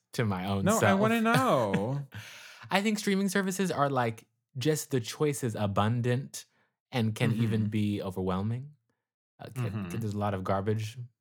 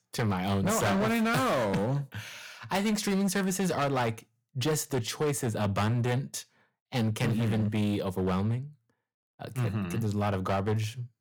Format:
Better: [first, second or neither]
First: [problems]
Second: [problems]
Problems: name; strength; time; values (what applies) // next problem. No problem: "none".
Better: first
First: none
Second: distortion; heavy; 15% of the sound clipped